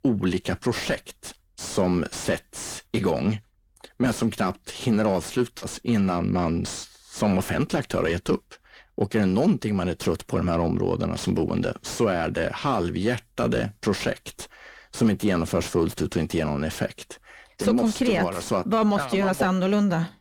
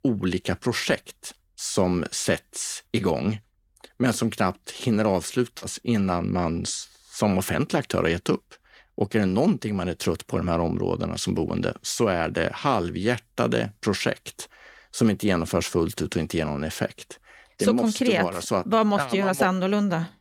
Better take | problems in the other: second | distortion; slight; 10 dB below the speech

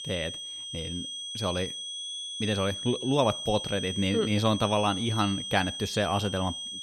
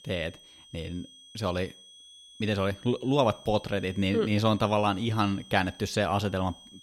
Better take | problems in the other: second | high-pitched whine; loud; throughout; 3.5 kHz, 6 dB below the speech; faint in the second

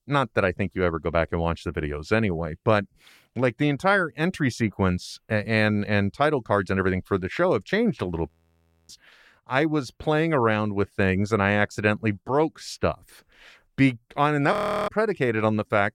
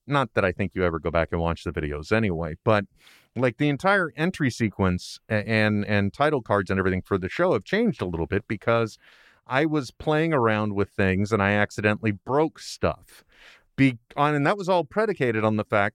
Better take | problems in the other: second | audio freezing; at 8.5 s for 0.5 s and at 15 s

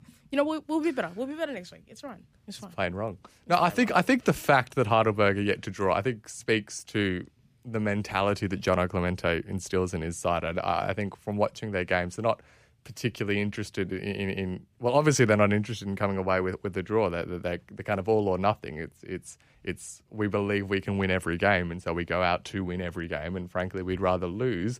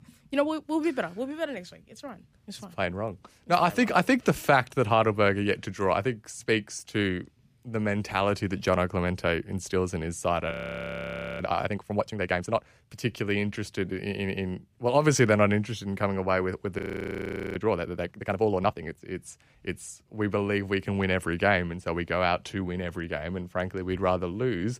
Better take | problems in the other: first | audio freezing; at 11 s for 1 s and at 17 s for 1 s

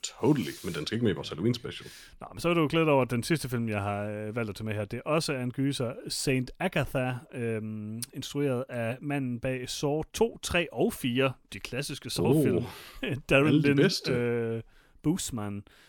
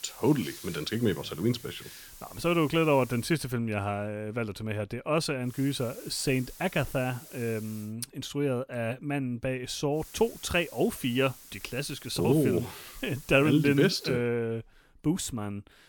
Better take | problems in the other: first | hiss; noticeable; until 3.5 s, from 5.5 to 8 s and from 10 to 14 s; 20 dB below the speech

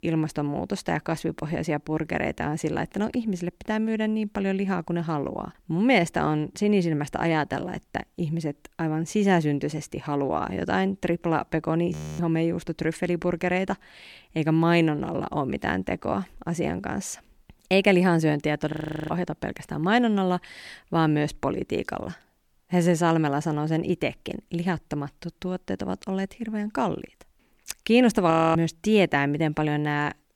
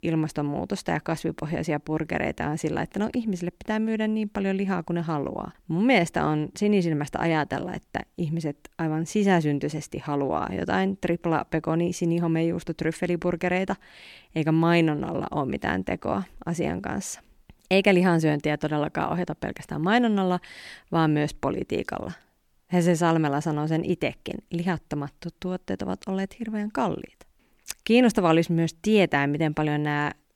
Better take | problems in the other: second | audio freezing; at 12 s, at 19 s and at 28 s

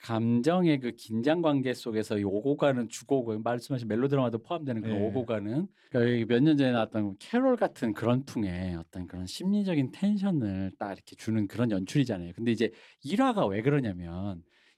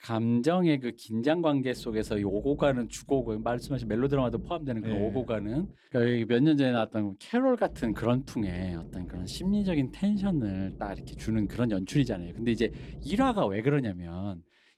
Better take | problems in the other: first | low rumble; faint; from 1.5 to 5.5 s and from 7.5 to 13 s; 20 dB below the speech

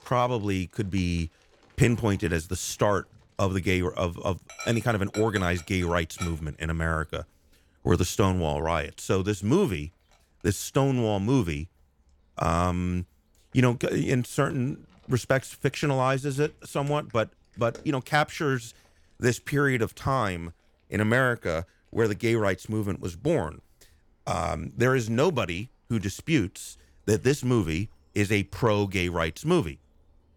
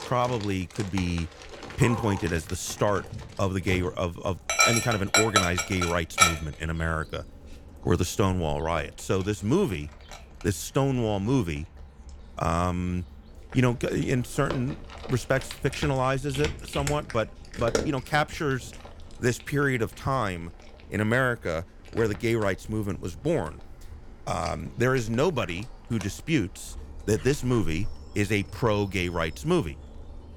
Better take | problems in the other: first | animal sounds; loud; throughout; 3 dB below the speech; faint in the first

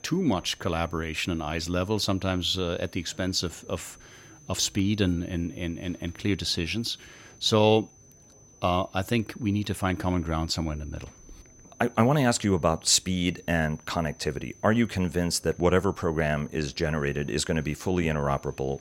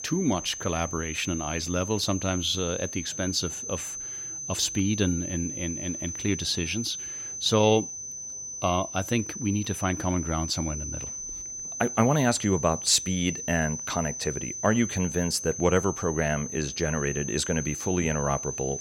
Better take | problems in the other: first | high-pitched whine; loud; throughout; 6 kHz, 6 dB below the speech; faint in the first

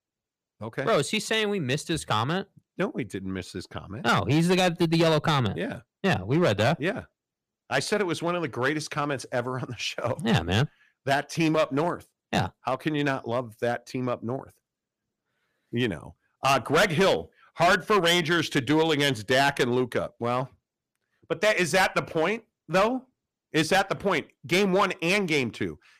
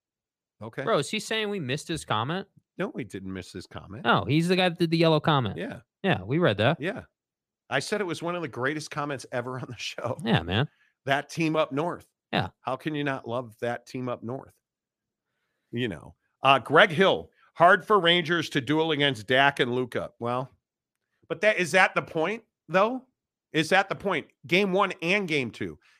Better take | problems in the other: second | distortion; heavy; 5% of the sound clipped

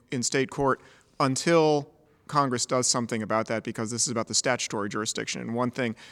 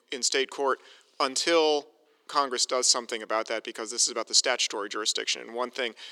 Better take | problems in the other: first | thin; somewhat; fading below 350 Hz

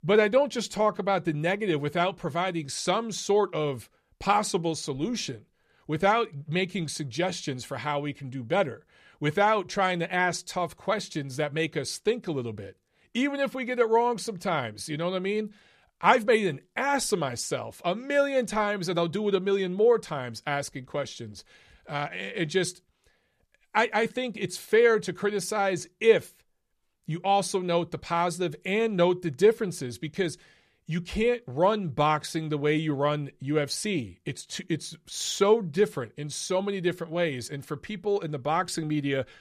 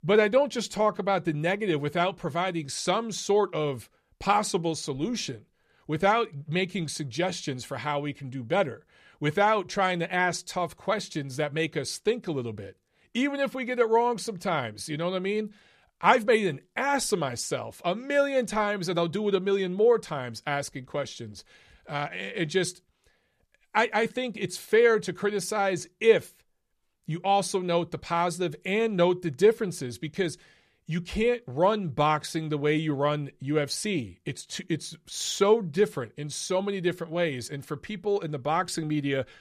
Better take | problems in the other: neither | none

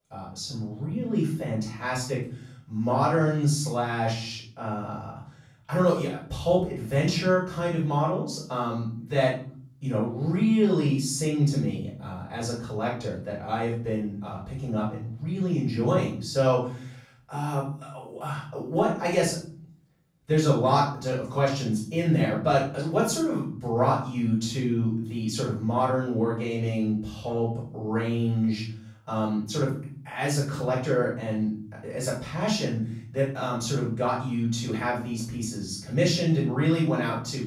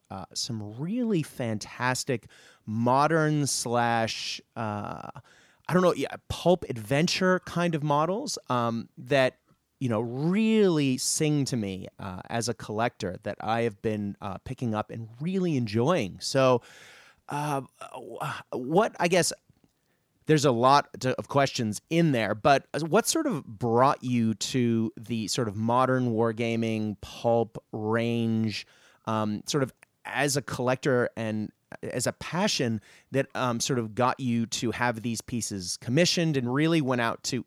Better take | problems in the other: second | off-mic speech; far // room echo; noticeable; dies away in 0.6 s

